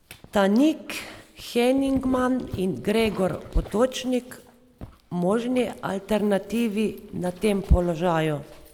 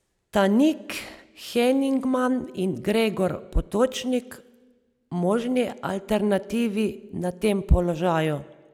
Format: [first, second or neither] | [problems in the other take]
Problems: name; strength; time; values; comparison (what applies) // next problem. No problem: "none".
second | background sound (Dog); 20 dB below the speech